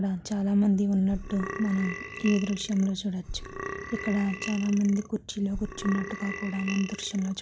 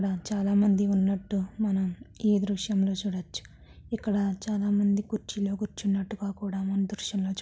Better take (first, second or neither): second